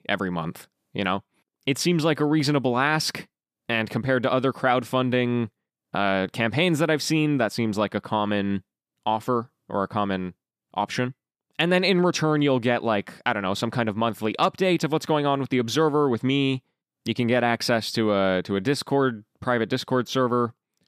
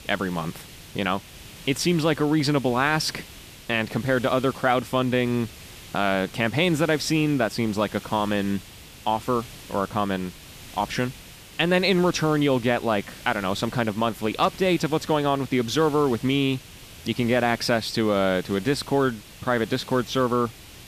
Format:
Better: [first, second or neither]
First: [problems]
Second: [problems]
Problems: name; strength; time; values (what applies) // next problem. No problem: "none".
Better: first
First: none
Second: hiss; noticeable; throughout; 20 dB below the speech